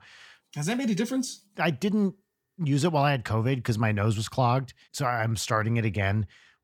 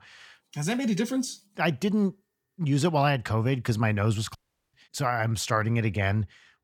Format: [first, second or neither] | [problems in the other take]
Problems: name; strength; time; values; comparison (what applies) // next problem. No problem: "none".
first | audio cutting out; at 4.5 s